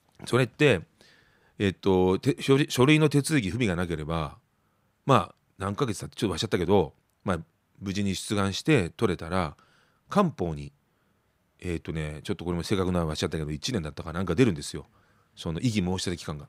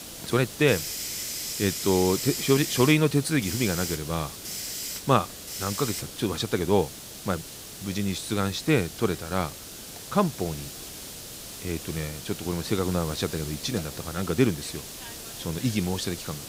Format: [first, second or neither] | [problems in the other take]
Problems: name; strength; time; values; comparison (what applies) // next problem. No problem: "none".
first | hiss; loud; throughout; 7 dB below the speech